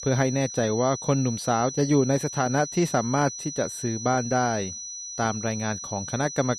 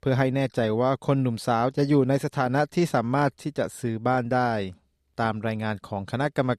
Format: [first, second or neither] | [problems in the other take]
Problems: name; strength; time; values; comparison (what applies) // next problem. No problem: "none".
second | high-pitched whine; loud; throughout; 6 kHz, 8 dB below the speech